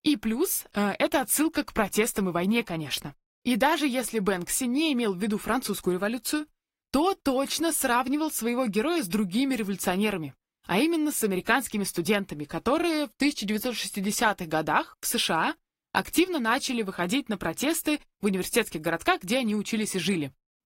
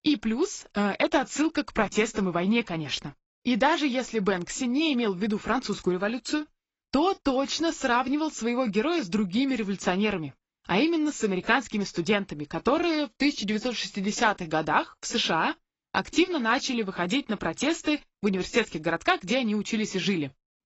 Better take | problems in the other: first | garbled, watery; badly; nothing above 7.5 kHz; slightly in the first

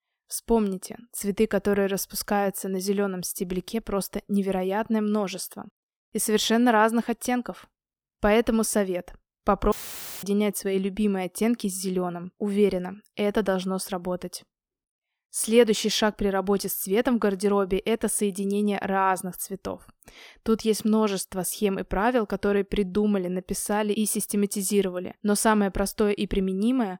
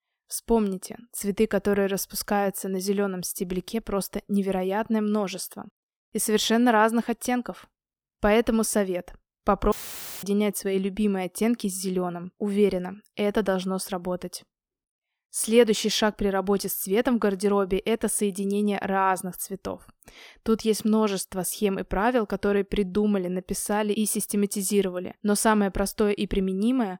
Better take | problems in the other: neither | audio cutting out; filled with static; at 9.5 s for 0.5 s; the same in both

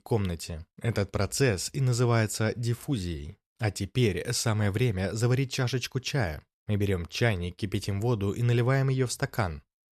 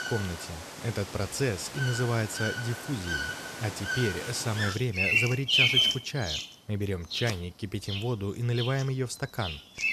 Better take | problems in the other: first | animal sounds; very loud; throughout; 3 dB above the speech

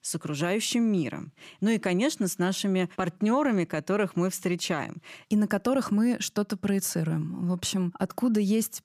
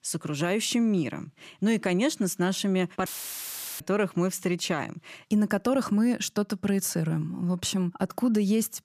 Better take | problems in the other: first | audio cutting out; filled with static; at 3 s for 0.5 s

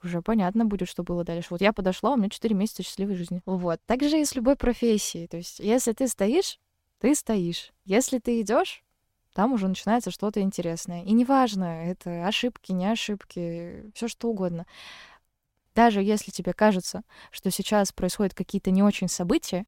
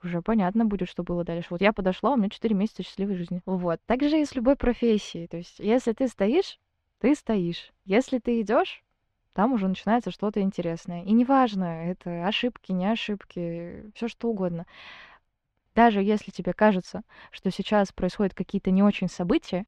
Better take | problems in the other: first | muffled; slightly; fading above 2.5 kHz

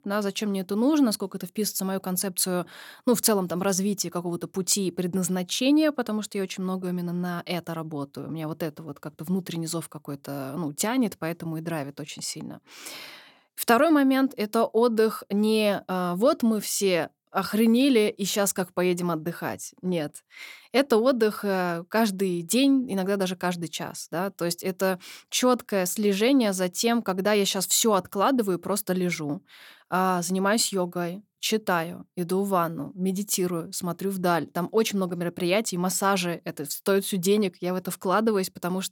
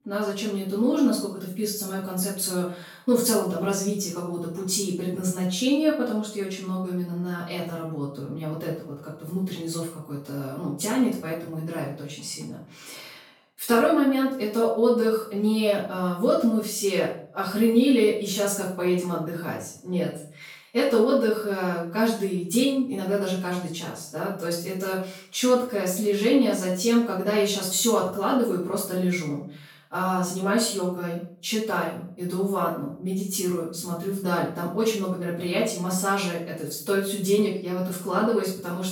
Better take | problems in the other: first | off-mic speech; far // room echo; noticeable; dies away in 0.5 s

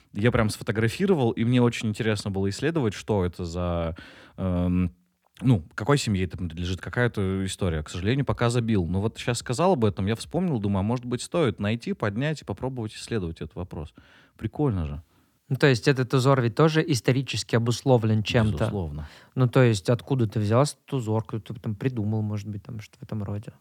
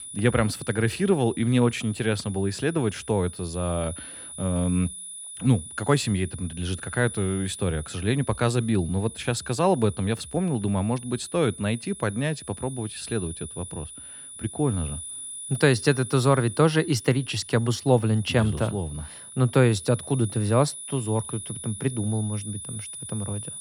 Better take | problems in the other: first | high-pitched whine; noticeable; throughout; 10 kHz, 10 dB below the speech

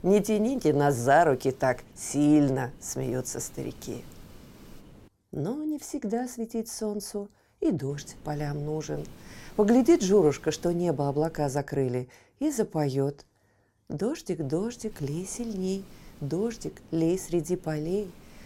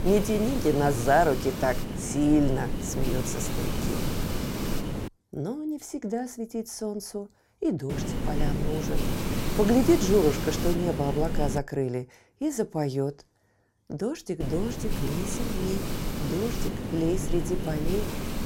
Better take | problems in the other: first | hiss; loud; until 5 s, from 8 to 12 s and from 14 s on; 4 dB below the speech; faint in the first

